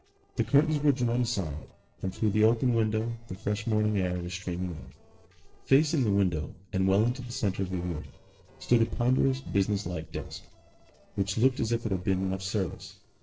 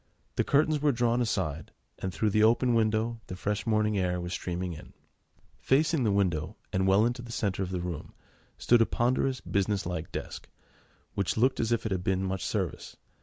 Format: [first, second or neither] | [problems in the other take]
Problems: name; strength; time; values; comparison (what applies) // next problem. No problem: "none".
second | noise reduction (neural separator model SepFormer DNS4)